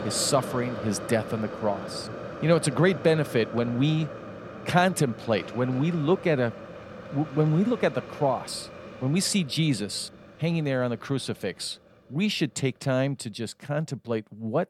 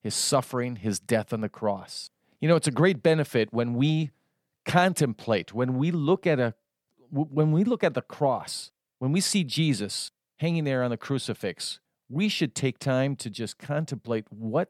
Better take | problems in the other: second | hiss; noticeable; throughout; 10 dB below the speech

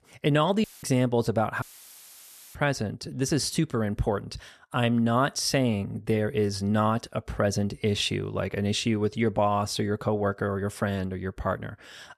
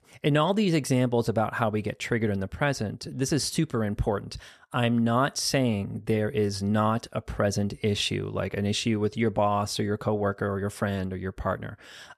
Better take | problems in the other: second | audio cutting out; filled with static; at 0.5 s and at 1.5 s for 1 s

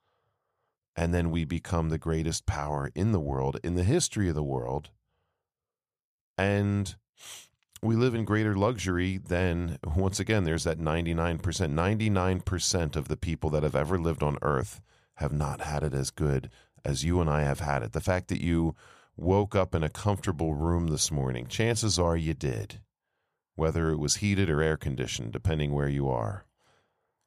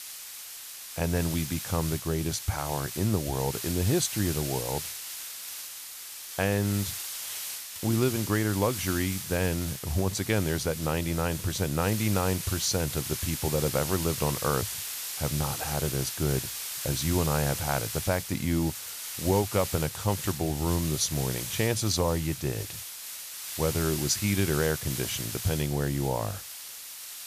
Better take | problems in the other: first | hiss; loud; throughout; 5 dB below the speech

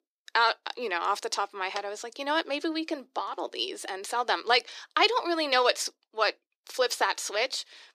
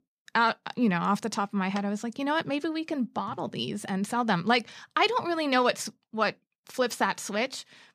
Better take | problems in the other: second | thin; very; fading below 300 Hz

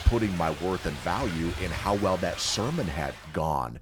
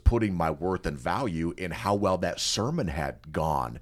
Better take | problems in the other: second | rain or running water; loud; until 3 s; 9 dB below the speech

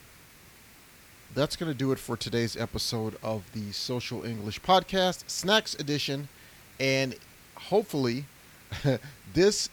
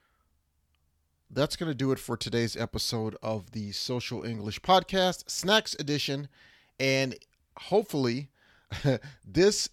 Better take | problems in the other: second | hiss; faint; throughout; 25 dB below the speech

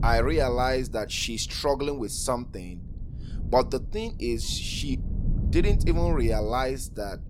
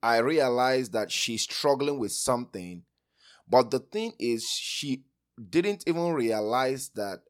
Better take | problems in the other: second | wind noise on the microphone; occasional gusts; 20 dB below the speech

